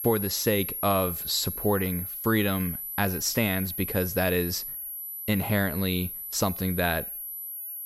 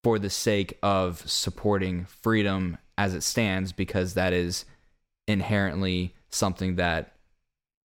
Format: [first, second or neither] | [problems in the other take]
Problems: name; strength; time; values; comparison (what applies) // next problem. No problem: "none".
second | high-pitched whine; loud; throughout; 11.5 kHz, 5 dB below the speech